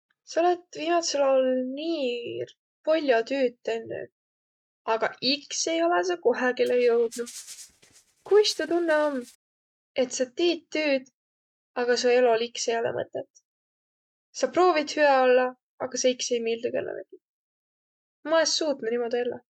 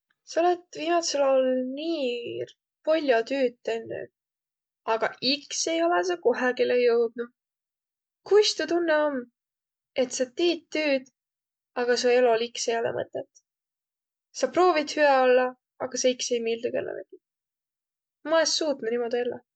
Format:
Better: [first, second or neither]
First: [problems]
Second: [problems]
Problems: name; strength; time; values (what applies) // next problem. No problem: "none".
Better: second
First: noise reduction (neural mask model RNNoise)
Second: none